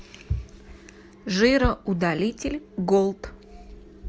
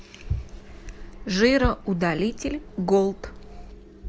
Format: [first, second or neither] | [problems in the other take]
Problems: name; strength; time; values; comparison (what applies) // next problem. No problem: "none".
first | background sound (Bird vocalization, bird call, bird song); 16 dB below the speech